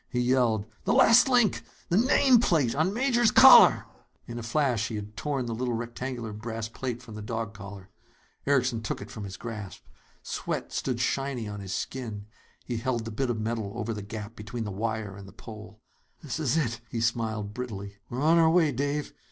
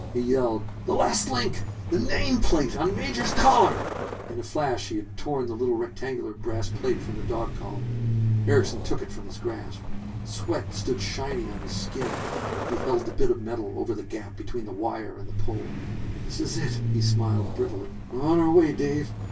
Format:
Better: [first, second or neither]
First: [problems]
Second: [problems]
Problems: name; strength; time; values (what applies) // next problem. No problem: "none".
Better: first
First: none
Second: background sound (Truck); 4 dB below the speech // room echo; dies away in 0.1 s